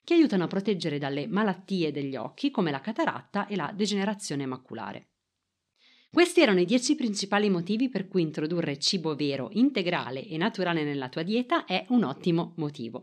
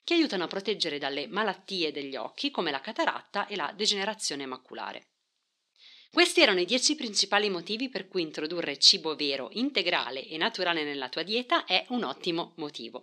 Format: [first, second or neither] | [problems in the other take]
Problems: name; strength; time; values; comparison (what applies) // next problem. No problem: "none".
first | thin; somewhat; fading below 400 Hz